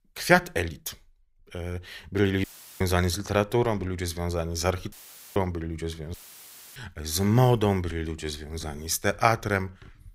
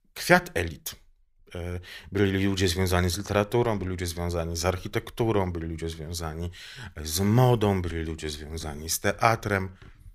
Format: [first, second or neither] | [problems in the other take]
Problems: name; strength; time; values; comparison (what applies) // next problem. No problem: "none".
second | audio cutting out; filled with static; at 2.5 s, at 5 s and at 6 s for 0.5 s